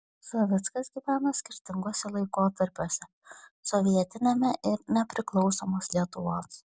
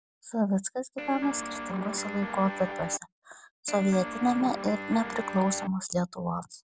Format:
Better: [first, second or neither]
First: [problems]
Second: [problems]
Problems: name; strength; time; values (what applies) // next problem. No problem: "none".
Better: first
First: none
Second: background sound (Guitar); 7 dB below the speech